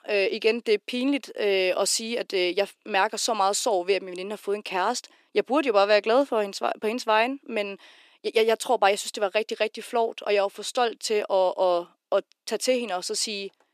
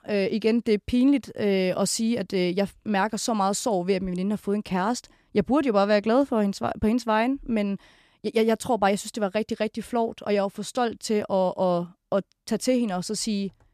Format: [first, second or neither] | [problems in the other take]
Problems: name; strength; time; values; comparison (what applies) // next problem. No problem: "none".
second | thin; somewhat; fading below 350 Hz